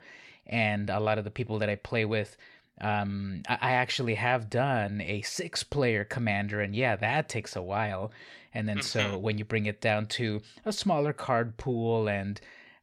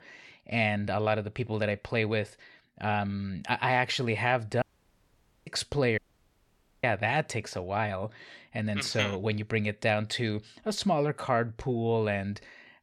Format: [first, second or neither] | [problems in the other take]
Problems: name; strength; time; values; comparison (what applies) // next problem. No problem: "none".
first | audio cutting out; at 4.5 s for 1 s and at 6 s for 1 s